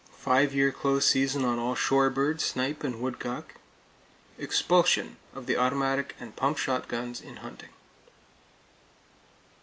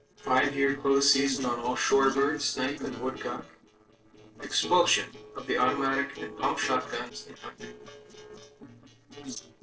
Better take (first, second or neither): first